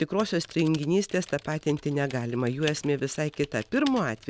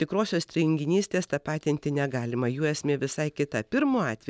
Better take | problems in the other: second | background sound (Typing); 19 dB below the speech

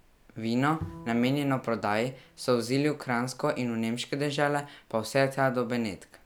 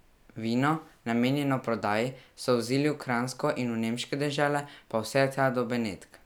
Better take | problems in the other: second | background sound (Bowed string instrument); 18 dB below the speech

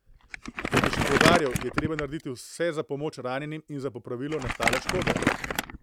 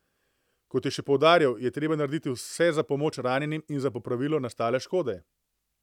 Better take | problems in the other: second | background sound (Crumpling, crinkling); 2 dB above the speech

